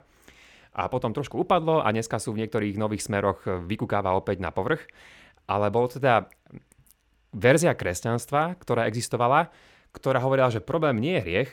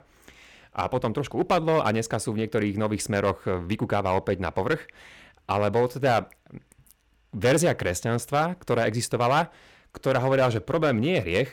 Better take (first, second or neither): first